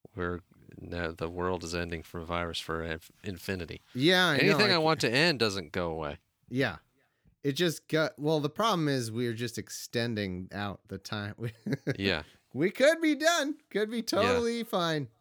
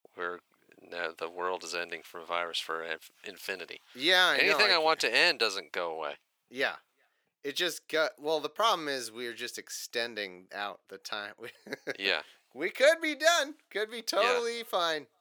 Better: first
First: none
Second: thin; very; fading below 600 Hz

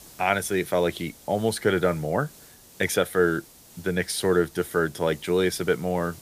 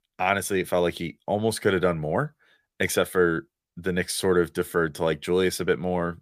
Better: second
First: hiss; faint; throughout; 20 dB below the speech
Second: none

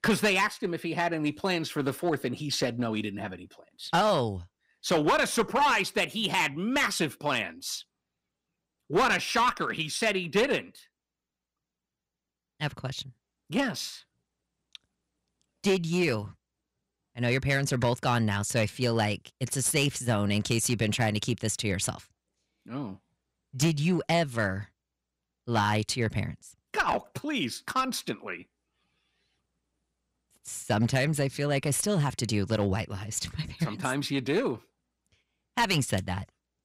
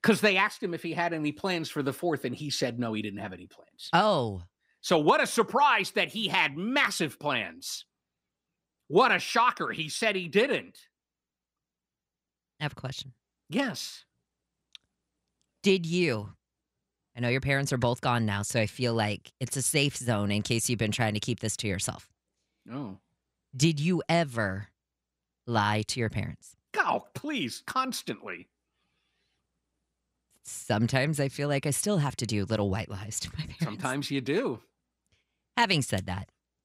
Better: second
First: distortion; slight; 4% of the sound clipped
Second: none

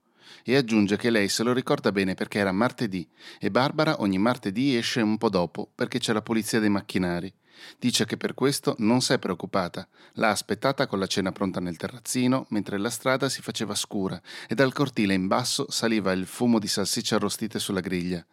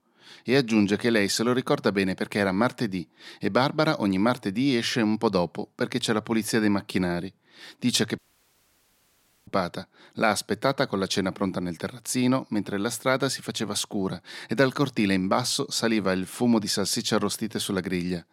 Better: first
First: none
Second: audio cutting out; at 8 s for 1.5 s

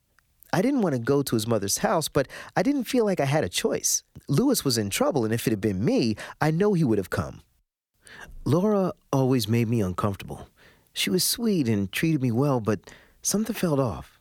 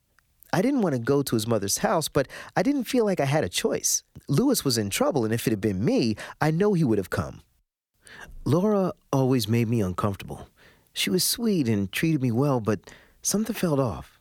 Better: neither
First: none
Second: none

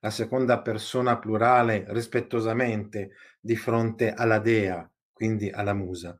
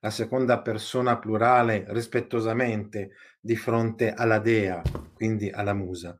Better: first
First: none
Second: footsteps; noticeable; at 5 s; peak 8 dB below the speech

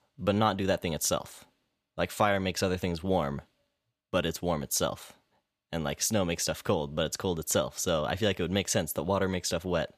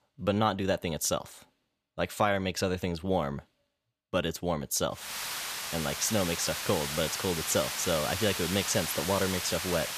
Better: first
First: none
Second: hiss; loud; from 5 s on; 3 dB below the speech

